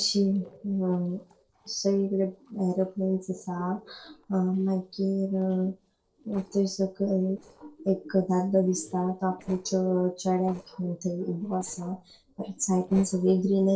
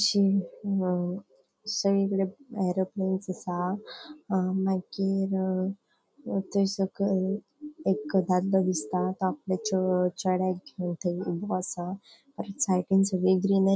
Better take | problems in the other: second | noise reduction (neural separator model SepFormer DNS4)

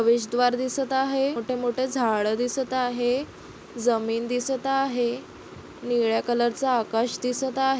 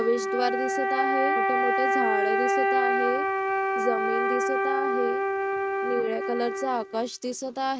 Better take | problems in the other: first | noise reduction (neural mask model RNNoise)

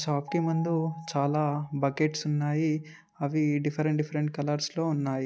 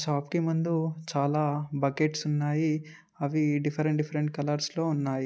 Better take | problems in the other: second | background sound (Piano); 19 dB below the speech

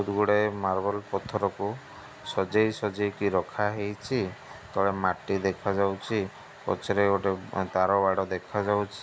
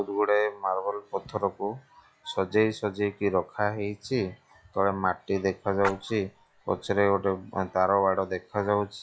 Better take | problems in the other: first | noise reduction (classical method log-MMSE)

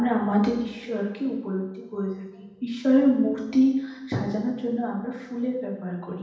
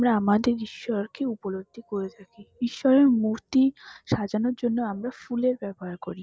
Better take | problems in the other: second | room echo; dies away in 0.9 s

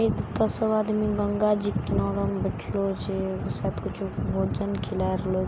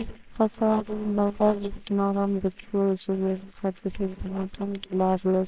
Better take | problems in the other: first | noise reduction (neural separator model SepFormer WHAMR!)

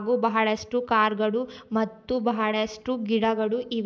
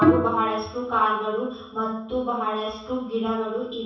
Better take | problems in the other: first | background sound (Bowed string instrument); 1 dB below the speech // room echo; dies away in 0.7 s

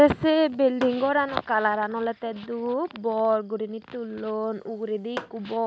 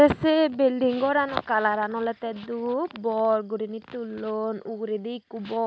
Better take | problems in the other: second | background sound (Tap / Hammer); 16 dB below the speech

